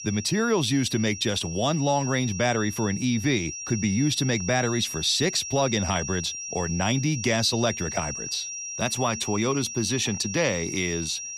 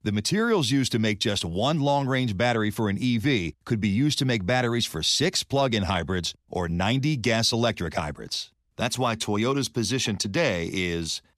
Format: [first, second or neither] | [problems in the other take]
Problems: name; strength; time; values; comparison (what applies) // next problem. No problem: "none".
second | high-pitched whine; loud; throughout; 5.5 kHz, 7 dB below the speech